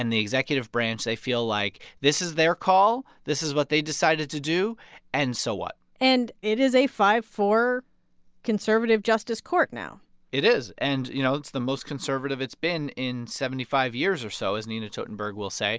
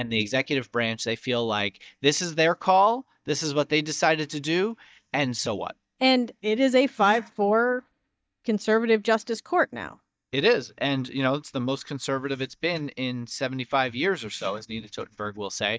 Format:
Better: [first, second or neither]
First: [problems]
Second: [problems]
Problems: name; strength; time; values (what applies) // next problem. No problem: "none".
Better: first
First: none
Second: noise reduction (neural mask model DeepFilterNet 3)